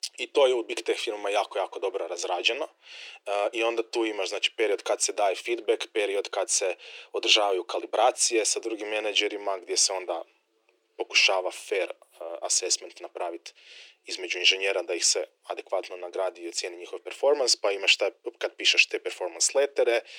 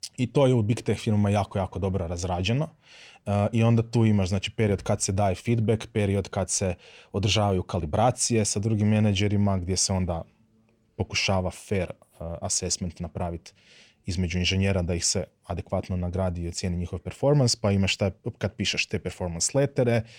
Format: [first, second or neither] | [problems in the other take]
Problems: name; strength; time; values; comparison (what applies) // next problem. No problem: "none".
second | thin; very; fading below 350 Hz